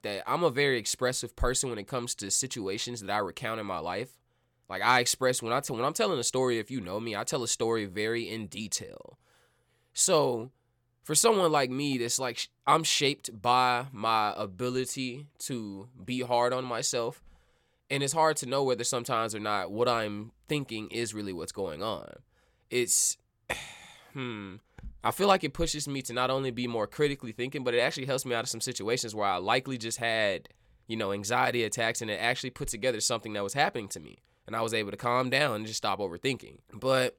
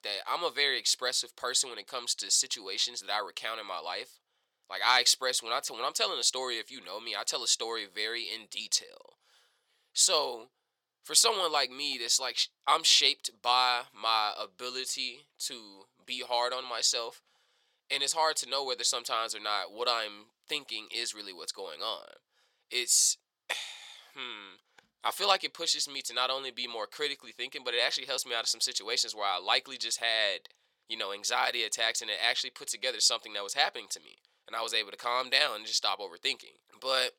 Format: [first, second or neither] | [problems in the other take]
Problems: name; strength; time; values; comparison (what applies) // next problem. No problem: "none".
first | thin; very; fading below 650 Hz